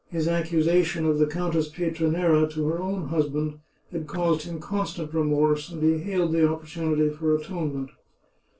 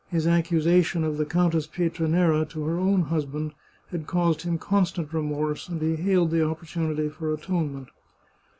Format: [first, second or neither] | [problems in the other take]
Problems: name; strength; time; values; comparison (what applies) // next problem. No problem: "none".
second | noise reduction (neural separator model SepFormer DNS4)